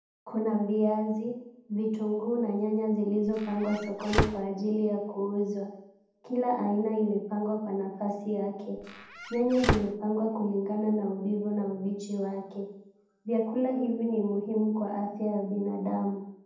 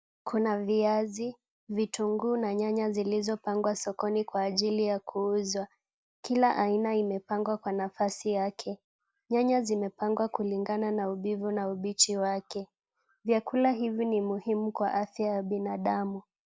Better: second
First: background sound (Squeak / Slam / Wood); 2 dB below the speech // room echo; dies away in 0.8 s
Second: none

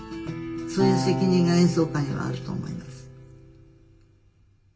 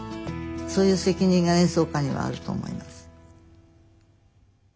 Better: second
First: background sound (Acoustic guitar); 7 dB below the speech // room echo; dies away in 0.2 s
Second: none

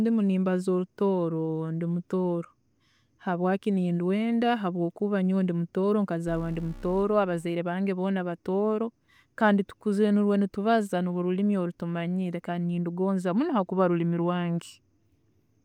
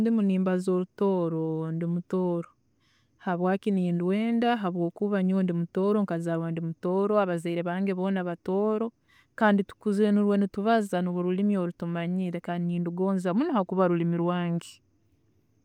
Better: second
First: background sound (Alarm); 17 dB below the speech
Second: none

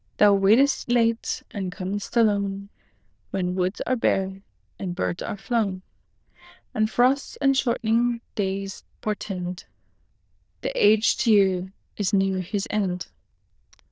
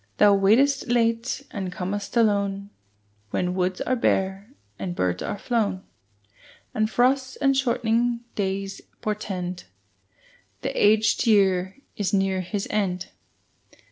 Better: second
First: noise reduction (neural diffusion model UNIVERSE++)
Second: none

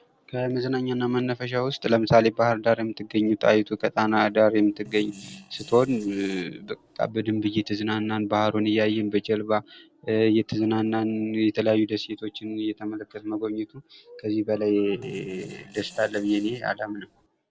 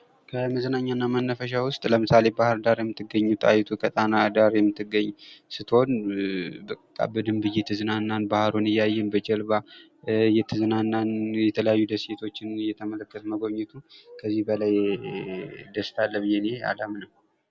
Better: second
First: noise reduction (neural separator model SepFormer DNS4)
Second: none

